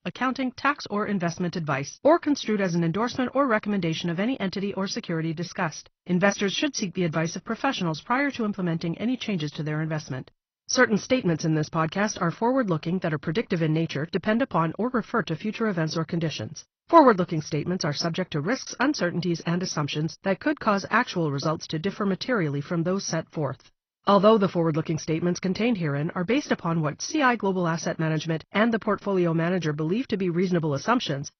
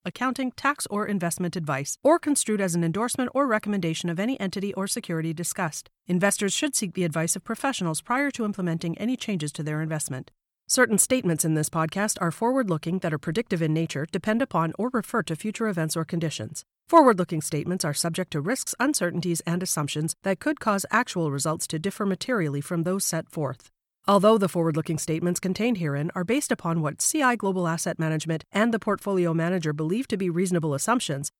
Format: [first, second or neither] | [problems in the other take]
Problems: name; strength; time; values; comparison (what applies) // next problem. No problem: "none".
second | garbled, watery; slightly; nothing above 6 kHz